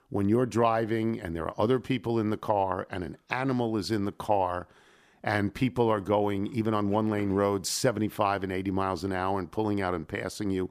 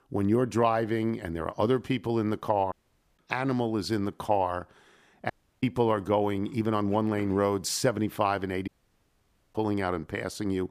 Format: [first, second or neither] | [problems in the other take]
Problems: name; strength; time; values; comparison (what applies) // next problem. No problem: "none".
first | audio cutting out; at 2.5 s, at 5.5 s and at 8.5 s for 1 s